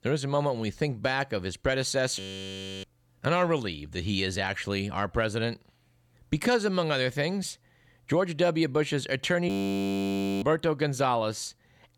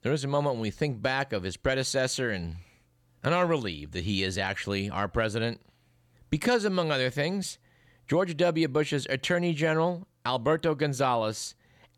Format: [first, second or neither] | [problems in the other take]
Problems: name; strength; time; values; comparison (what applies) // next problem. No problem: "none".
second | audio freezing; at 2 s for 0.5 s and at 9.5 s for 1 s